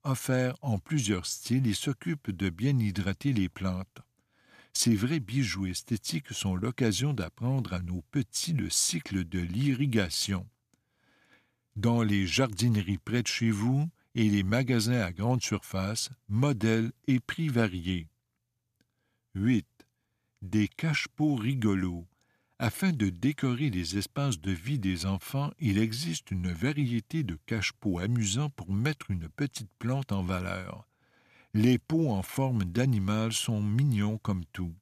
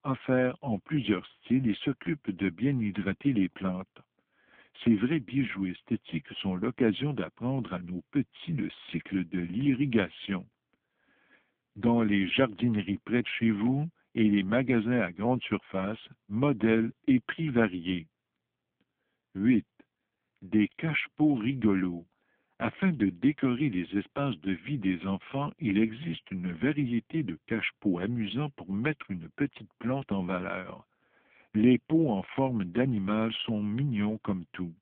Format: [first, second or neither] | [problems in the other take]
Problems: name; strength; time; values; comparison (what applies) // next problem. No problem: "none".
first | phone-call audio; poor line; nothing above 3.5 kHz